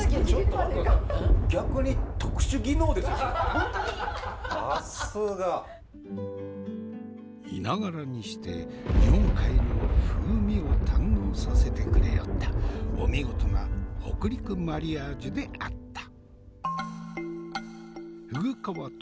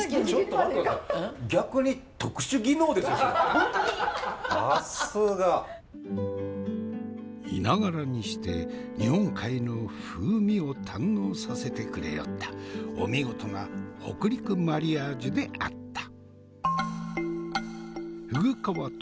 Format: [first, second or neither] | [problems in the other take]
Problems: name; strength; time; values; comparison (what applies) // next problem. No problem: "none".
second | background sound (Thunder); 5 dB above the speech